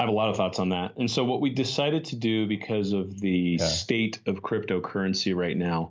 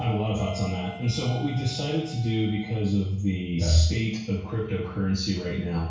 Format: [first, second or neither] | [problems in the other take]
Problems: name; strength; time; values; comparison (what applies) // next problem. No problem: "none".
first | background sound (Wind instrument, woodwind instrument); 19 dB below the speech // room echo; dies away in 0.6 s